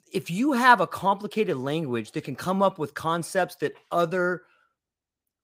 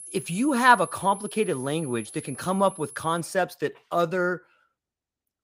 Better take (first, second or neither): first